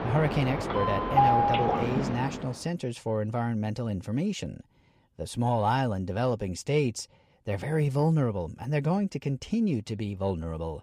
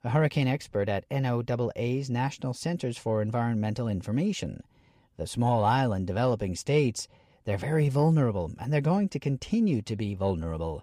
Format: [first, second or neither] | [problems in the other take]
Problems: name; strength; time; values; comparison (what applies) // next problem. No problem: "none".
second | train or aircraft noise; very loud; until 2 s; 2 dB above the speech